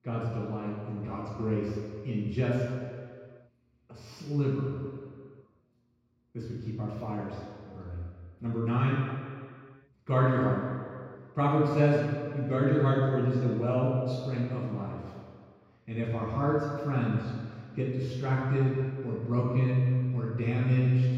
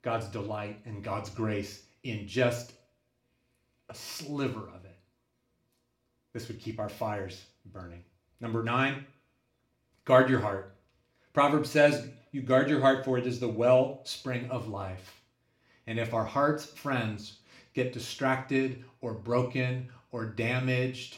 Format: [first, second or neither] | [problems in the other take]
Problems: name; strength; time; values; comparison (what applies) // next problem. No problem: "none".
second | room echo; strong; dies away in 2 s; slight in the second // off-mic speech; far; somewhat distant in the second